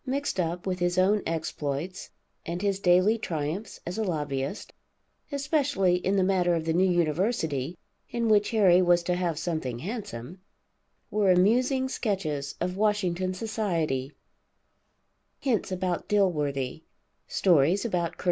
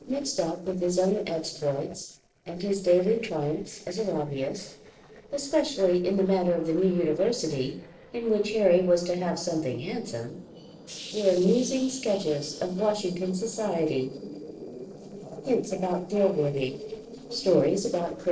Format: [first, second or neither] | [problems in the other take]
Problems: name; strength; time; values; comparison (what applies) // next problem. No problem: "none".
first | noise reduction (neural separator model SepFormer DNS4)